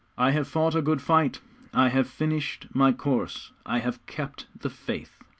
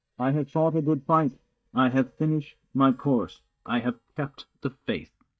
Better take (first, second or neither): first